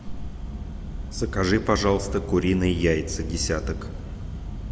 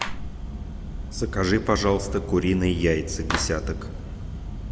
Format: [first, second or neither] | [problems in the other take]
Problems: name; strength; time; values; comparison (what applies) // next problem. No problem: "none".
first | background sound (Clapping); 14 dB below the speech